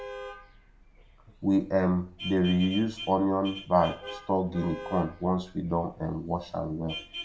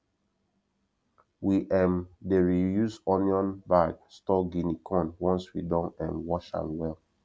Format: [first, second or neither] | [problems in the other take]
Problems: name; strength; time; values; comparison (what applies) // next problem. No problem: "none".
second | background sound (Vehicle horn, car horn, honking); 14 dB below the speech // room echo; dies away in 0.4 s